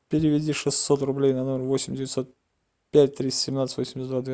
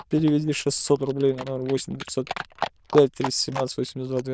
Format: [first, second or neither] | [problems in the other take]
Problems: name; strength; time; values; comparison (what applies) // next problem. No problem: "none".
first | noise reduction (neural diffusion model UNIVERSE++)